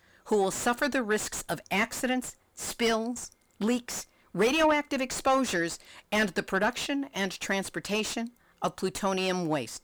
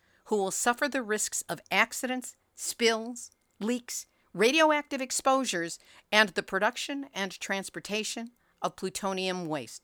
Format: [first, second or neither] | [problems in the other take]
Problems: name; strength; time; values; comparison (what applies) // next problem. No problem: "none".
second | distortion; heavy; 6 dB below the speech